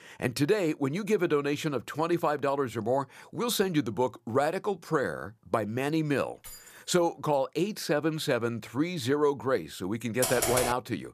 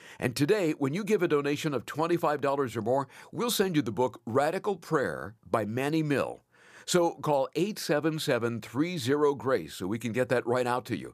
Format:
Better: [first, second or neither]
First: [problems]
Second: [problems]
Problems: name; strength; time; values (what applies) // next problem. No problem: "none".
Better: second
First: jangling keys; faint; at 6.5 s; peak 15 dB below the speech // keyboard typing; loud; at 10 s; peak 1 dB above the speech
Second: none